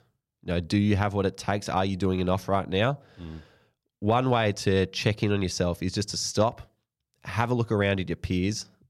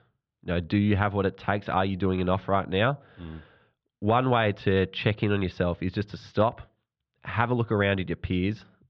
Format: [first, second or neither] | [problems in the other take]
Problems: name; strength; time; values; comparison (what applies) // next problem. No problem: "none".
first | muffled; very; fading above 3.5 kHz